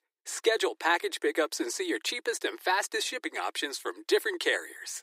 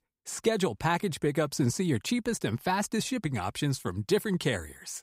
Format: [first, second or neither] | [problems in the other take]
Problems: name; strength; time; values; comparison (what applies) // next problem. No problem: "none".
second | thin; very; fading below 300 Hz